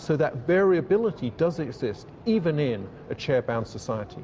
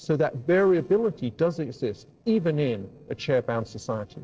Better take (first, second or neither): first